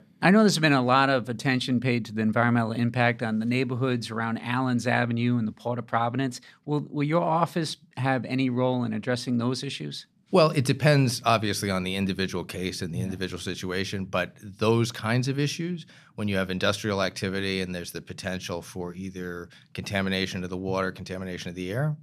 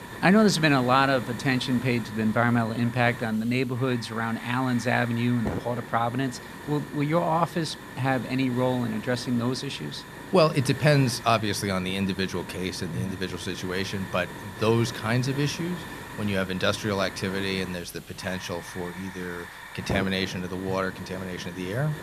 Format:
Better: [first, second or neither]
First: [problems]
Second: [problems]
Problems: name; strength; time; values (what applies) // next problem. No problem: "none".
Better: first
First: none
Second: hiss; noticeable; throughout; 15 dB below the speech